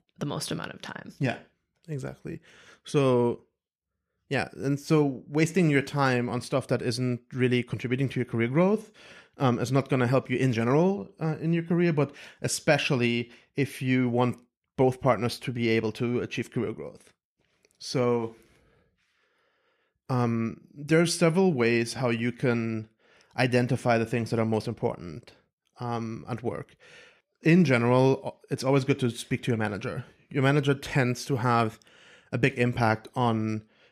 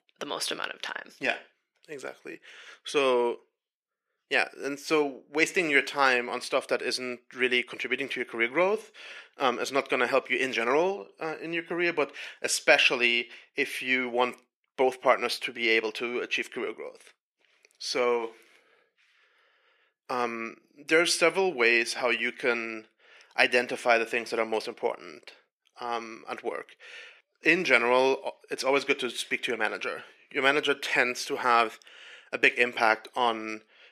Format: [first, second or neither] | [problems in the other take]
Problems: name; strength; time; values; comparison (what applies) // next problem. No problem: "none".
first | thin; very; fading below 400 Hz